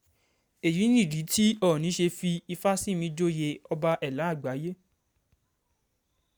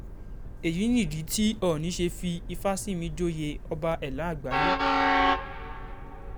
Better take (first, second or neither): first